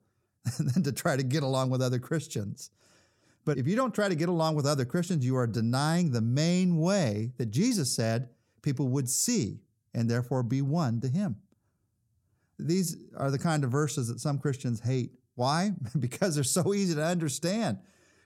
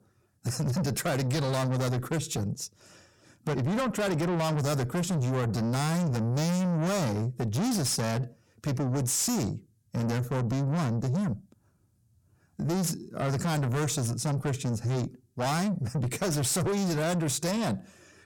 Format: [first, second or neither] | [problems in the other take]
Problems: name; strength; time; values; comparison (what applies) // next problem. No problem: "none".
first | distortion; heavy; 7 dB below the speech